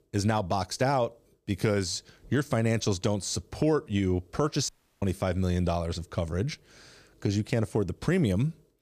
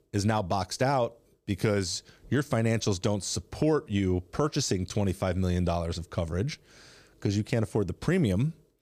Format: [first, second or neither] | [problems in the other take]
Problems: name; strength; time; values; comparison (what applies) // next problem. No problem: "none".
second | audio cutting out; at 4.5 s